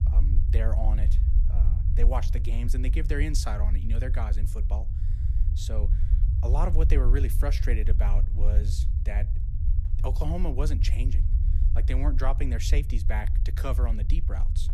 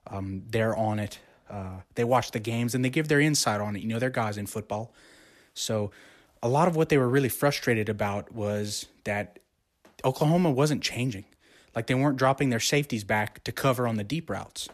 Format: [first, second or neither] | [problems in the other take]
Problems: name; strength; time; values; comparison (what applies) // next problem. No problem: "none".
second | low rumble; loud; throughout; 9 dB below the speech